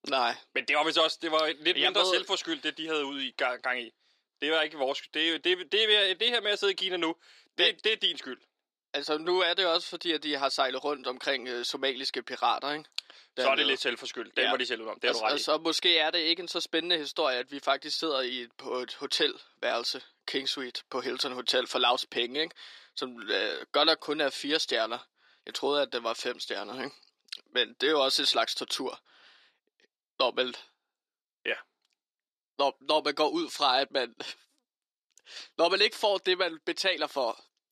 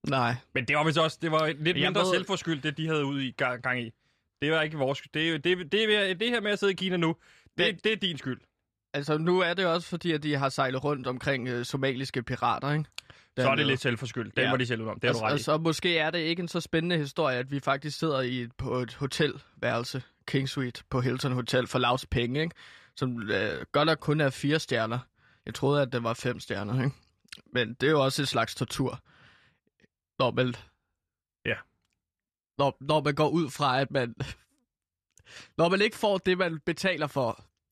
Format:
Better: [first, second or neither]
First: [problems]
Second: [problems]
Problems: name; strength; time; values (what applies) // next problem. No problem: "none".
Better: second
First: thin; somewhat; fading below 350 Hz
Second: none